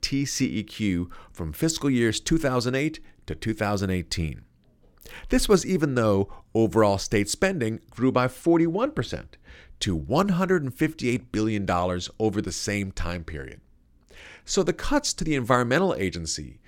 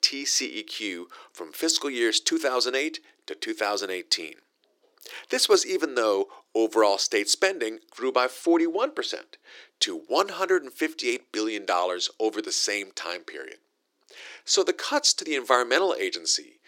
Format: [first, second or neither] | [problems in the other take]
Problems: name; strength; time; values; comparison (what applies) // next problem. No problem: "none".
first | thin; very; fading below 350 Hz